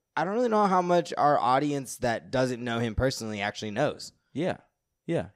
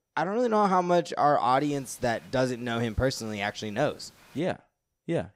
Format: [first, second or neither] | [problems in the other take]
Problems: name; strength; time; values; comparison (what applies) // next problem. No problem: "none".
first | hiss; very faint; from 1.5 to 4.5 s; 30 dB below the speech